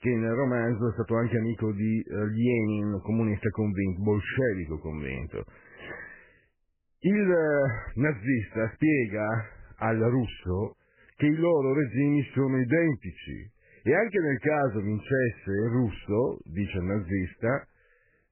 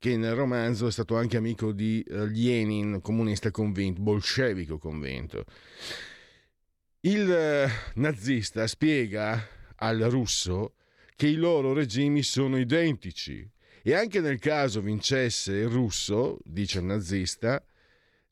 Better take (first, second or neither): second